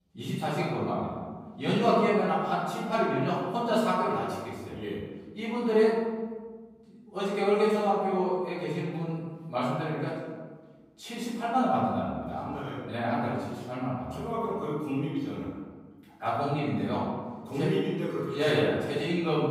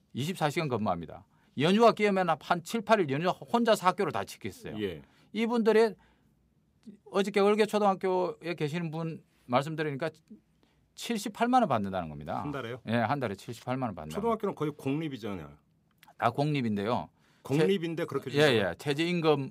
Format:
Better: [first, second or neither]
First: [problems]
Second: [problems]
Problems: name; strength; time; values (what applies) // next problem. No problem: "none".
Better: second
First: off-mic speech; far // room echo; strong; dies away in 1.3 s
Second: none